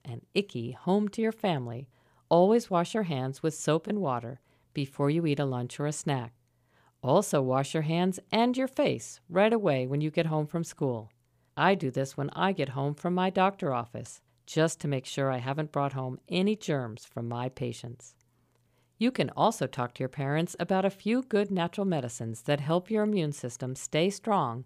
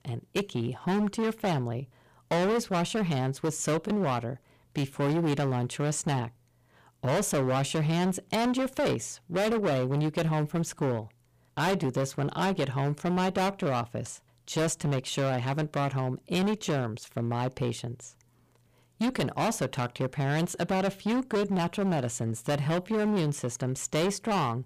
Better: first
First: none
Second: distortion; heavy; 17% of the sound clipped

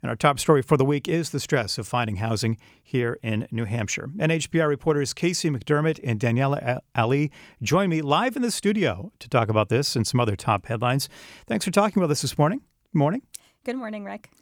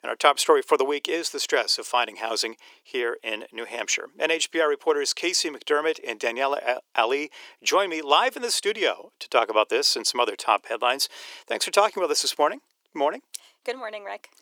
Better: first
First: none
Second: thin; very; fading below 350 Hz

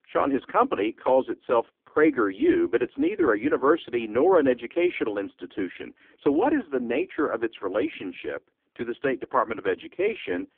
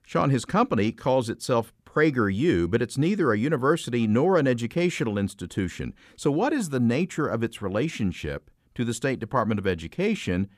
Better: second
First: phone-call audio; poor line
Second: none

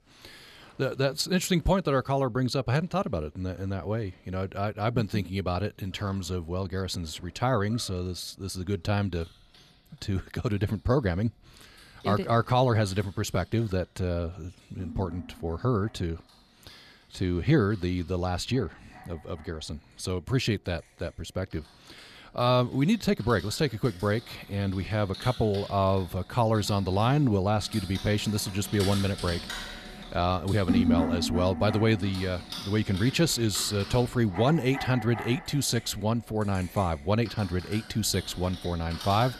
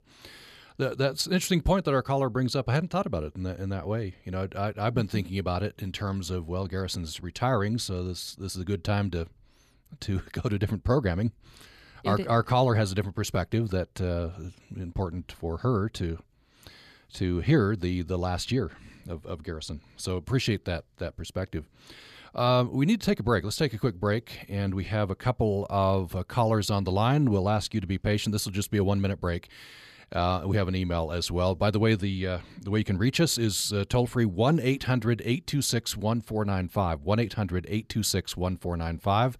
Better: second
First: household noises; loud; throughout; 9 dB below the speech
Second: none

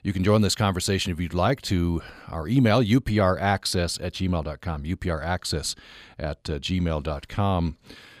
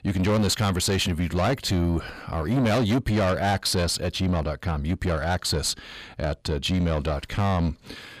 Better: first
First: none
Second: distortion; heavy; 8 dB below the speech

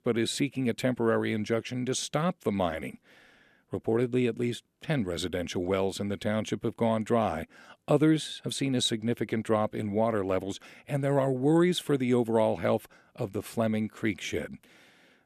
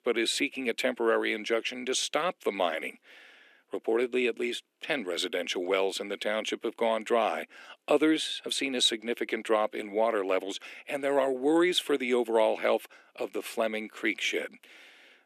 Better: first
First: none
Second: thin; somewhat; fading below 300 Hz

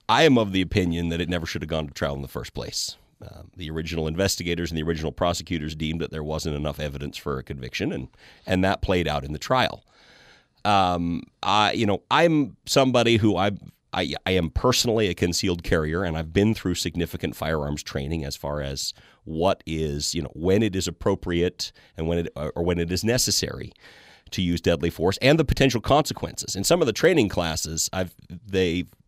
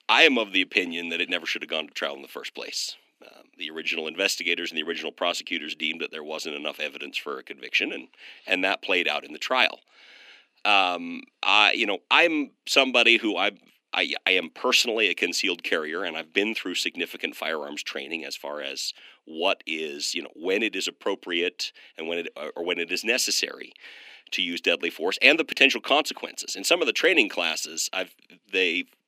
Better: first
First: none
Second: thin; somewhat; fading below 250 Hz

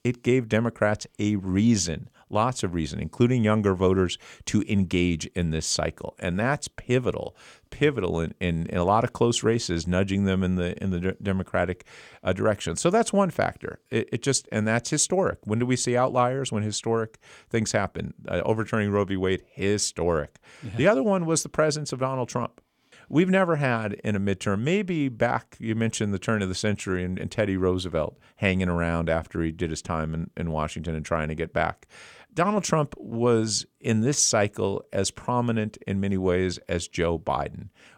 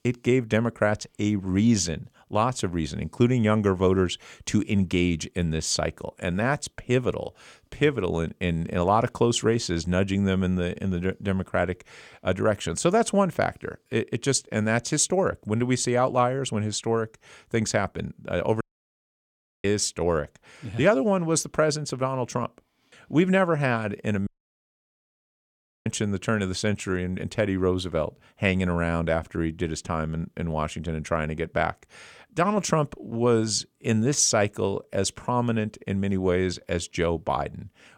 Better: first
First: none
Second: audio cutting out; at 19 s for 1 s and at 24 s for 1.5 s

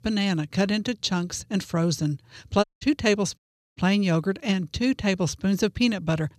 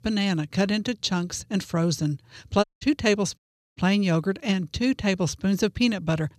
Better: neither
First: audio cutting out; at 2.5 s and at 3.5 s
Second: audio cutting out; at 2.5 s and at 3.5 s

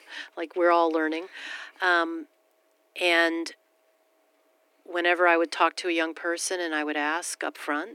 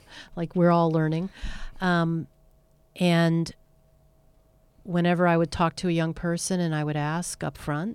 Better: second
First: thin; very; fading below 300 Hz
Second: none

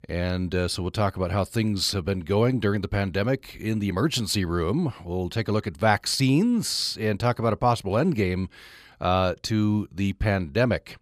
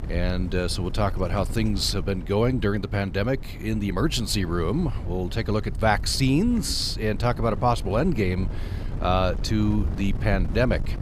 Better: first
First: none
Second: wind noise on the microphone; occasional gusts; 15 dB below the speech

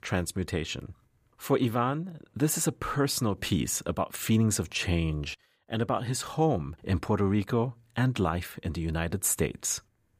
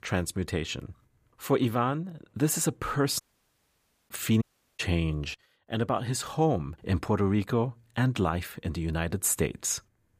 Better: first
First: none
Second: audio cutting out; at 3 s for 1 s and at 4.5 s

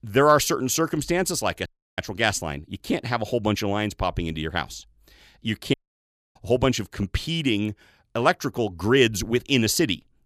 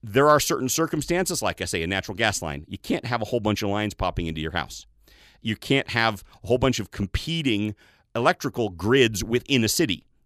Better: second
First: audio cutting out; at 1.5 s and at 5.5 s for 0.5 s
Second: none

